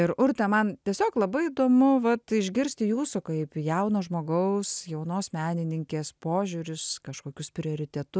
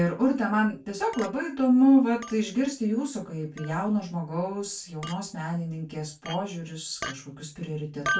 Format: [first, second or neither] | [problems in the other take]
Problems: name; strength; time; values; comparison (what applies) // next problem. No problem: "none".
first | background sound (Chink, clink); 14 dB below the speech // room echo; dies away in 0.2 s